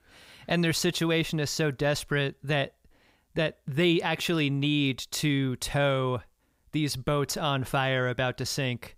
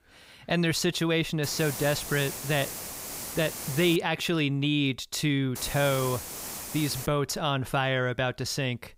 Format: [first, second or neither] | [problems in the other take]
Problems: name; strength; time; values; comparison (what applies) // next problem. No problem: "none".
first | hiss; loud; from 1.5 to 4 s and from 5.5 to 7 s; 8 dB below the speech